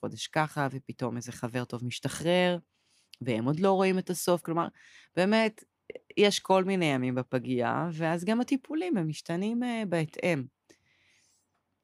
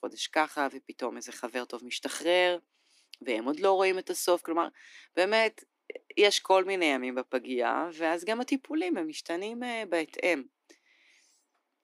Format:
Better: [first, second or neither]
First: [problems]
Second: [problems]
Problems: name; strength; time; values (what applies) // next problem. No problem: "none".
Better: first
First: none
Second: thin; somewhat; fading below 300 Hz